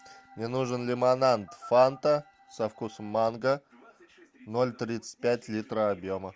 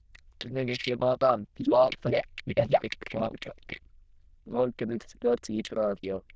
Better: first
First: none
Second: noise reduction (neural diffusion model UNIVERSE++)

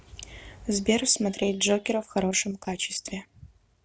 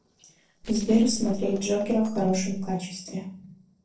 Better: first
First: none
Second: noise reduction (neural separator model SepFormer DNS4)

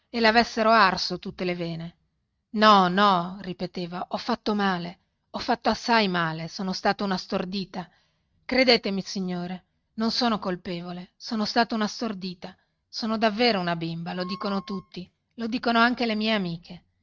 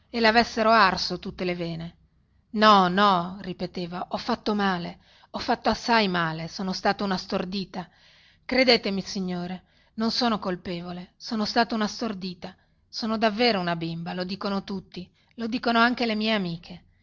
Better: second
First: noise reduction (neural mask model RNNoise)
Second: none

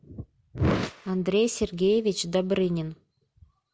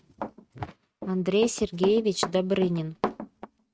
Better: first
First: none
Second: noise reduction (neural mask model RNNoise)

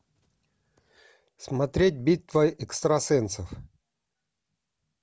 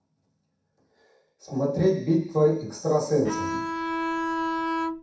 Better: first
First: none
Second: background sound (Bowed string instrument); 1 dB below the speech // room echo; dies away in 0.7 s

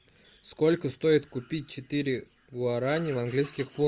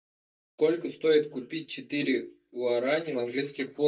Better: first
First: none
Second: noise reduction (neural mask model DeepFilterNet 3)

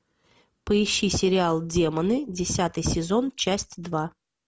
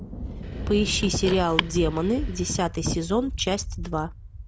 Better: first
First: none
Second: background sound (Thunder + Car); 6 dB below the speech

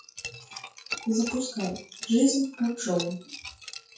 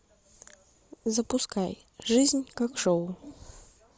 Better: second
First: noise reduction (classical method WPE with log-MMSE)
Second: none

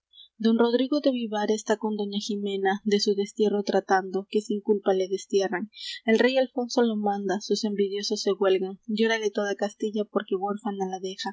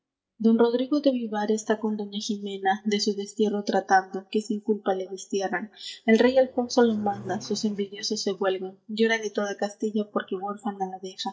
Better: first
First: none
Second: noise reduction (neural mask model DeepFilterNet 3)

